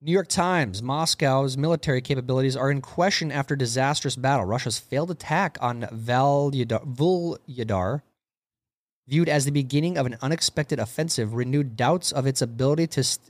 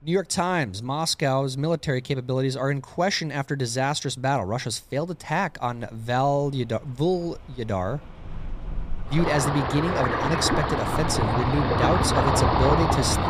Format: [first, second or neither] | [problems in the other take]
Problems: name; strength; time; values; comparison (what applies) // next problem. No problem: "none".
first | rain or running water; very loud; throughout; 1 dB above the speech